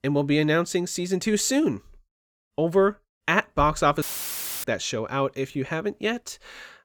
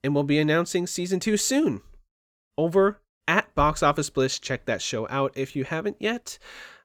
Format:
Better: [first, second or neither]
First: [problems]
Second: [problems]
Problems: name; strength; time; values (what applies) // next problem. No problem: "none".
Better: second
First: audio cutting out; filled with static; at 4 s for 0.5 s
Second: none